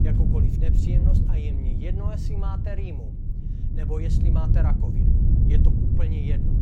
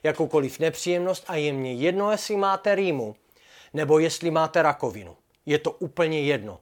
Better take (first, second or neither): second